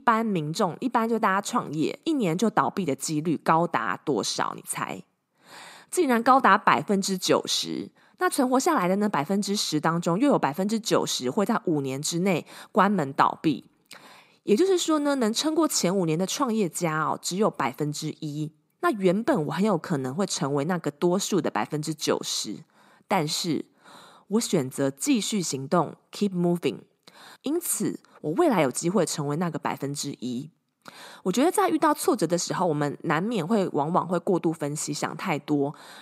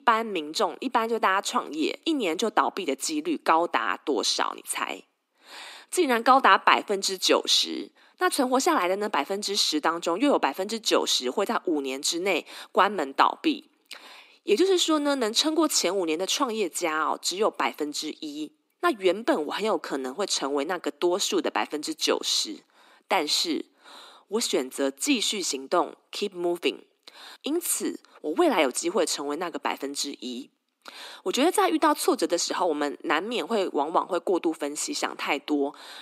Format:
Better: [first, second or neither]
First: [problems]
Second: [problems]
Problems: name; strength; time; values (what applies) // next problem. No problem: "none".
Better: first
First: none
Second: thin; very slightly; fading below 250 Hz